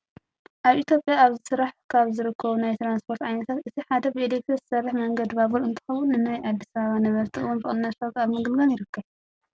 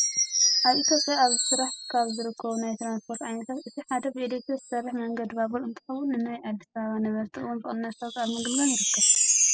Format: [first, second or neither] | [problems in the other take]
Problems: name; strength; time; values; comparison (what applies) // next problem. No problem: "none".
first | noise reduction (classical method spectral subtraction)